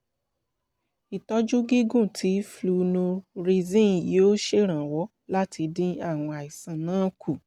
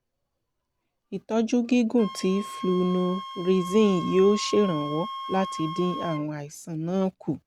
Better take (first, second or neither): first